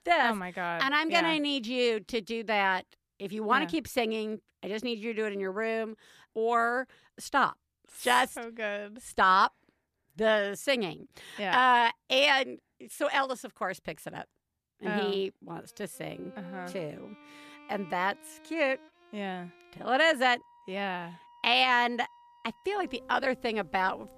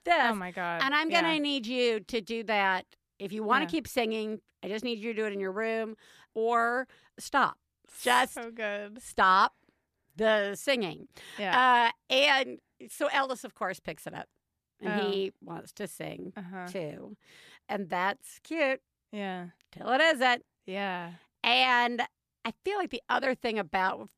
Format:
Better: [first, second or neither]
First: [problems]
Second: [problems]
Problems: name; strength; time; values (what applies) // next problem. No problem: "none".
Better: second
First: background music; faint; from 16 s on; 25 dB below the speech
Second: none